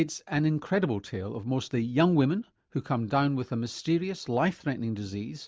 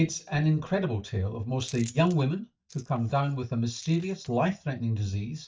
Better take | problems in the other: first | noise reduction (neural mask model DeepFilterNet 3)

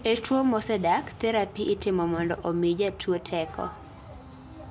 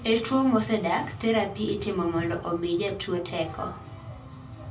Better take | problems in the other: first | room echo; dies away in 0.2 s

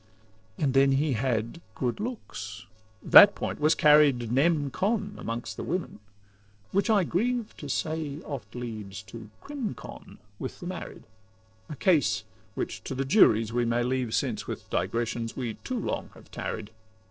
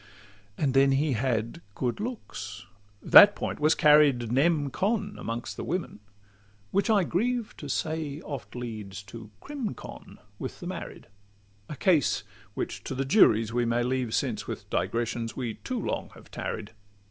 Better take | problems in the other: second | noise reduction (neural separator model SepFormer DNS4)

